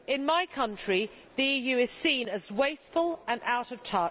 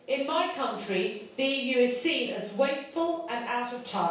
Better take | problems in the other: first | room echo; dies away in 0.7 s

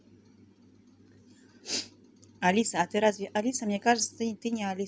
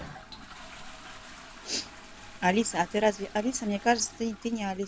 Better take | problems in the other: first | background sound (Toilet flush); 16 dB below the speech

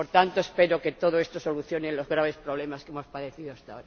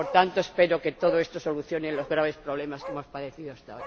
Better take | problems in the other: first | background sound (Bark); 14 dB below the speech

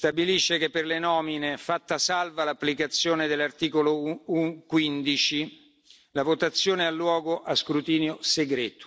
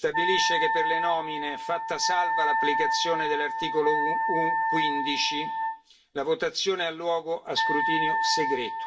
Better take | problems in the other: first | background sound (Wind instrument, woodwind instrument); 2 dB above the speech // room echo; dies away in 0.2 s

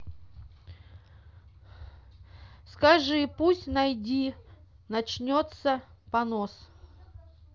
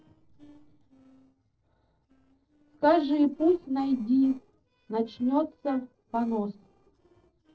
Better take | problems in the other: first | noise reduction (neural separator model SepFormer DNS4)

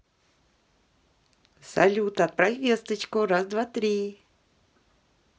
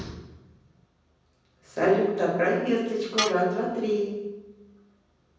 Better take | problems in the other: first | background sound (Tools); 3 dB below the speech // room echo; dies away in 1.1 s

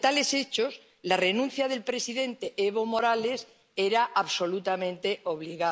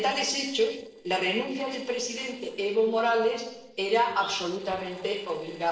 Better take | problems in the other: first | noise reduction (neural separator model SepFormer DNS4)

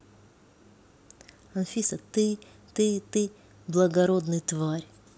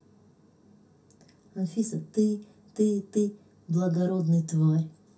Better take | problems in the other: first | room echo; dies away in 0.3 s

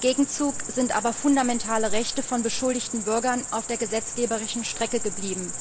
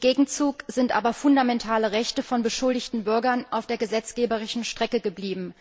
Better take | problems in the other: second | background sound (Cricket); 5 dB below the speech

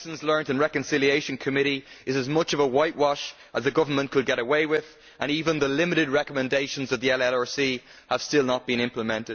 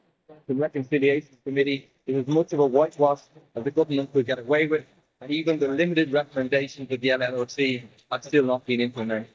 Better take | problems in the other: first | noise reduction (neural mask model DeepFilterNet 3)

